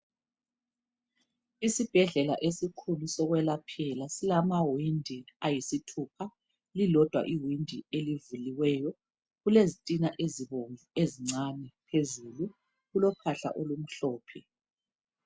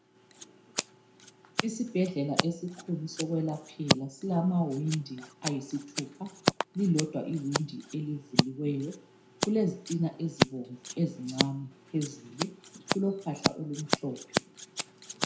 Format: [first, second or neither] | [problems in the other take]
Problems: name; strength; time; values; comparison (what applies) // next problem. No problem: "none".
first | background sound (Scissors); 2 dB below the speech // room echo; dies away in 0.4 s